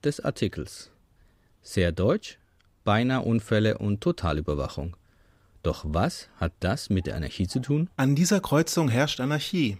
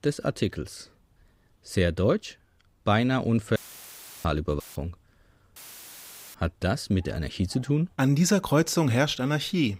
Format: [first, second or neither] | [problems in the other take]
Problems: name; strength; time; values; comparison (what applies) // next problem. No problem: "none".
first | audio cutting out; filled with static; at 3.5 s for 0.5 s, at 4.5 s and at 5.5 s for 1 s